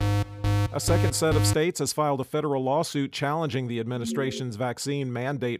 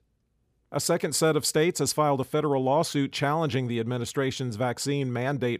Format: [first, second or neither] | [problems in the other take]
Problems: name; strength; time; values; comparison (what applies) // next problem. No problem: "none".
second | alarm; loud; until 1.5 s; peak 1 dB above the speech // alarm; noticeable; at 4 s; peak 6 dB below the speech